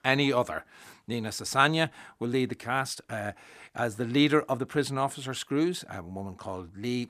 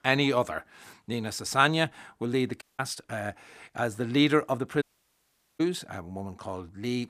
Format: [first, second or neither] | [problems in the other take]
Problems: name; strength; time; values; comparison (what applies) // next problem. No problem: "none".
first | audio cutting out; at 2.5 s and at 5 s for 1 s